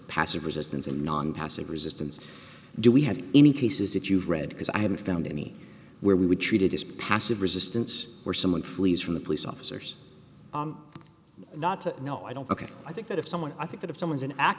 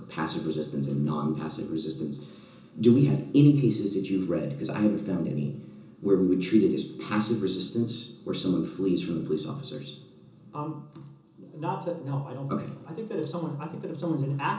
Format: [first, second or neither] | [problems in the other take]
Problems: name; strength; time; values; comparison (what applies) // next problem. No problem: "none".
first | room echo; dies away in 0.7 s